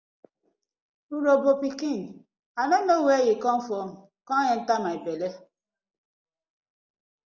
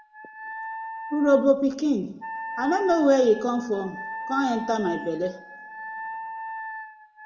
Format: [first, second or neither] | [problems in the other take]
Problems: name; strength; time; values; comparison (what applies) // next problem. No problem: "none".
first | background sound (Wind instrument, woodwind instrument); 11 dB below the speech // room echo; dies away in 0.8 s